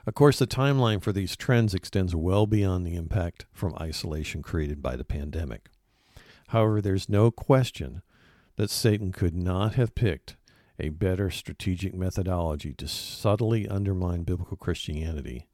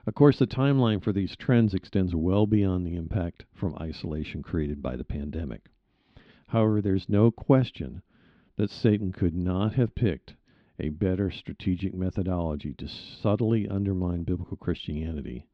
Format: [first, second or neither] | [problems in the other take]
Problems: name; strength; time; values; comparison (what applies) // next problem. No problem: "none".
first | muffled; slightly; fading above 3.5 kHz